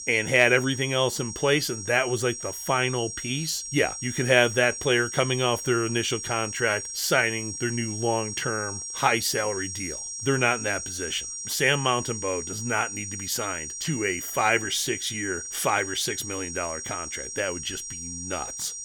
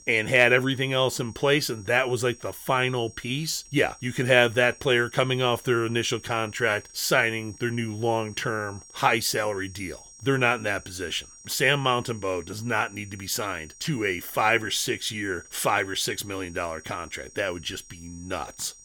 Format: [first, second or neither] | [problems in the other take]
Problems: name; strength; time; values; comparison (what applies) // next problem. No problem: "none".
second | high-pitched whine; loud; throughout; 5.5 kHz, 7 dB below the speech; faint in the second